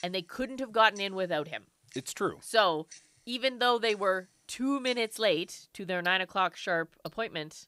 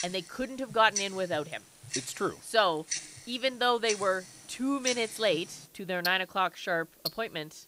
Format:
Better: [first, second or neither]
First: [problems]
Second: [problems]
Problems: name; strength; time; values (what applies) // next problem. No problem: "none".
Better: first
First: household noises; faint; throughout; 25 dB below the speech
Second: household noises; loud; throughout; 8 dB below the speech